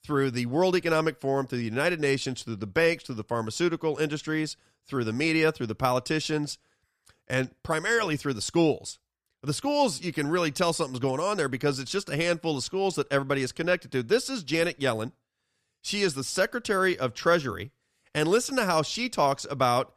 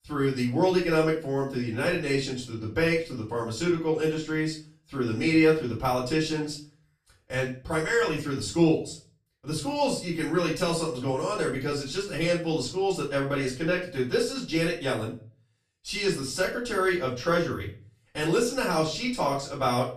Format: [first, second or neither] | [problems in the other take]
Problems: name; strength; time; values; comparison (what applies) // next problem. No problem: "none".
first | off-mic speech; far // room echo; slight; dies away in 0.3 s